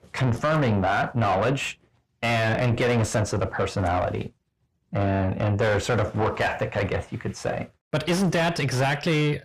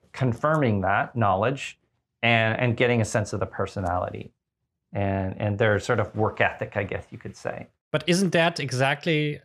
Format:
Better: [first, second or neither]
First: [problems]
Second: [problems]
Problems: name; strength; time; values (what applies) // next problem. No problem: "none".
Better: second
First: distortion; heavy; 5 dB below the speech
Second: none